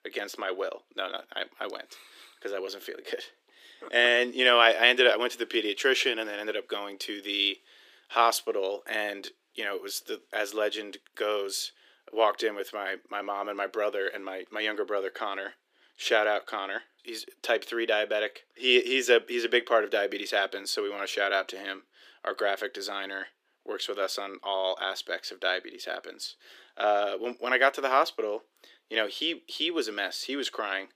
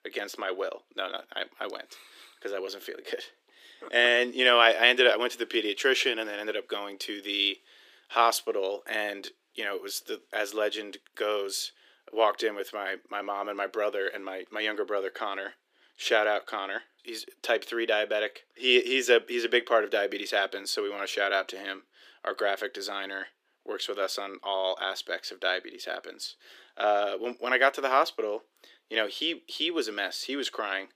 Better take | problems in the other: neither | thin; very; fading below 300 Hz; the same in both

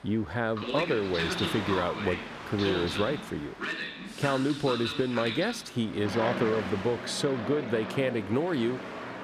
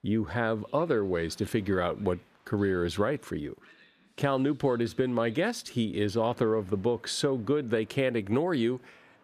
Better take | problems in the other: second | train or aircraft noise; loud; throughout; 5 dB below the speech; faint in the second

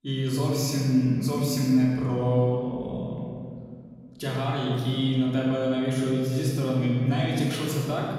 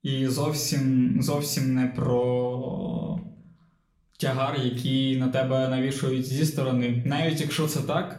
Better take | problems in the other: second | room echo; strong; dies away in 2 s; slight in the second // off-mic speech; far; somewhat distant in the second

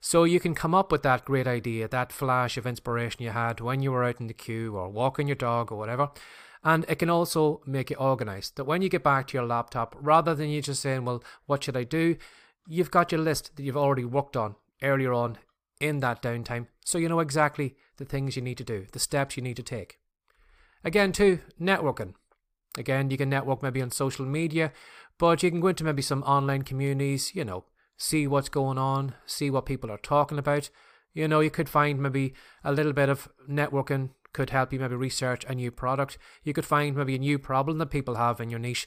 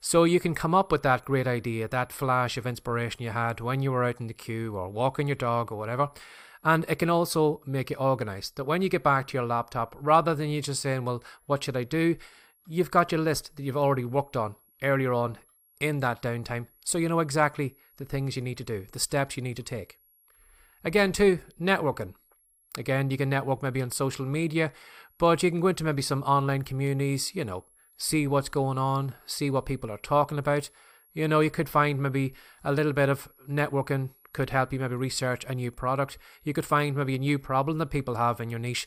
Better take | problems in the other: first | high-pitched whine; faint; throughout; 11 kHz, 35 dB below the speech

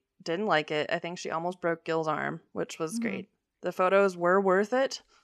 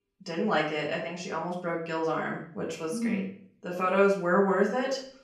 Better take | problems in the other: first | off-mic speech; far // room echo; slight; dies away in 0.5 s

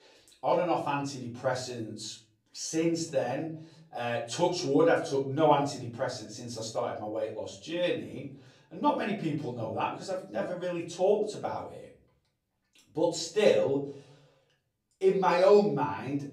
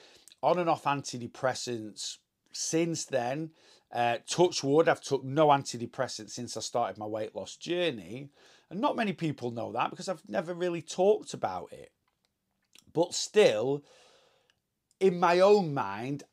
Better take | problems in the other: second | room echo; slight; dies away in 0.5 s // off-mic speech; far

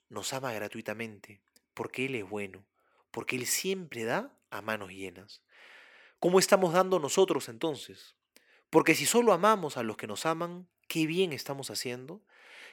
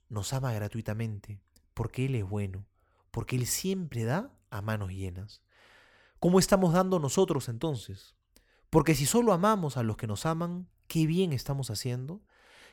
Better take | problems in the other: second | thin; somewhat; fading below 350 Hz

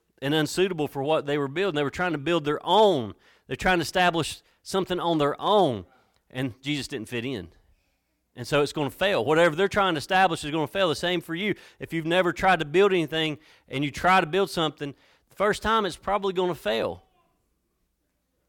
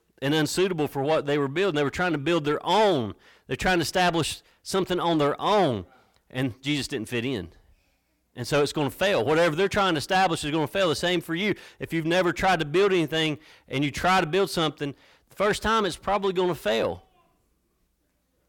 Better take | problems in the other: first | distortion; slight; 10 dB below the speech

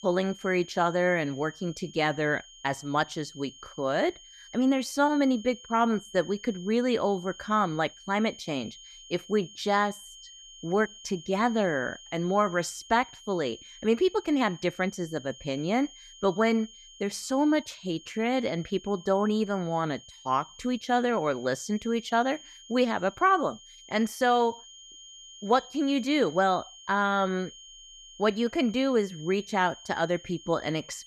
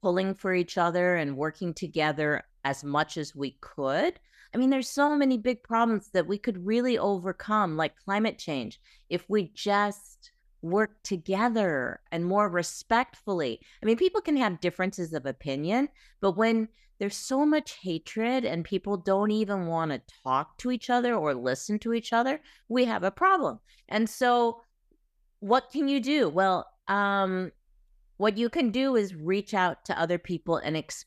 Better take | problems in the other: second | high-pitched whine; noticeable; throughout; 3 kHz, 20 dB below the speech

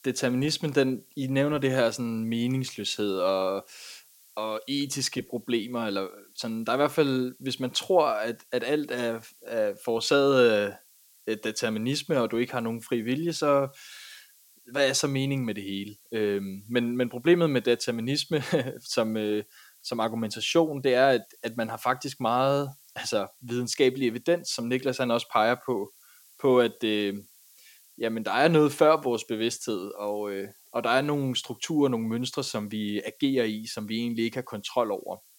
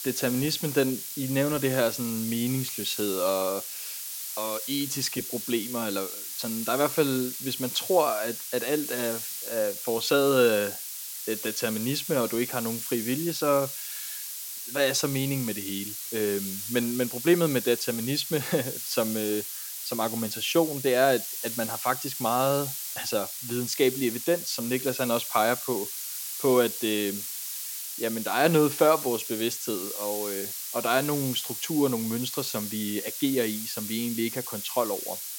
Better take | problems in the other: first | hiss; loud; throughout; 5 dB below the speech; faint in the first

